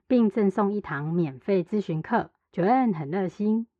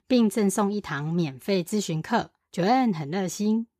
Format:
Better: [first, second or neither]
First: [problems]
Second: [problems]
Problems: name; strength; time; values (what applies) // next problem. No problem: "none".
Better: second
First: muffled; very; fading above 1.5 kHz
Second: none